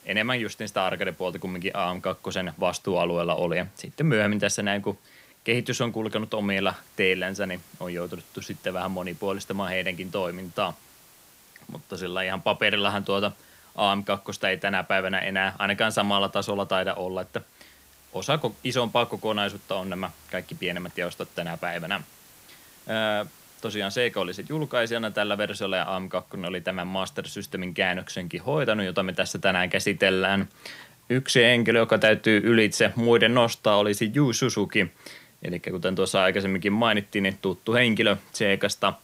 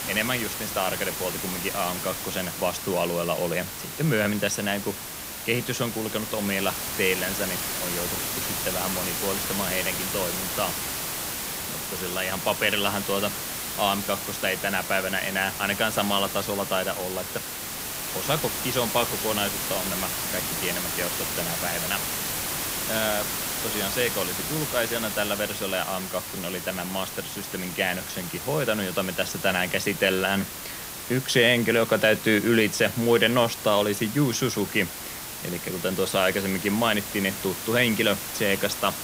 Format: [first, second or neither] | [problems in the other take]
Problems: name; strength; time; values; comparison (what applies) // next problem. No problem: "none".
first | hiss; loud; throughout; 3 dB below the speech; faint in the first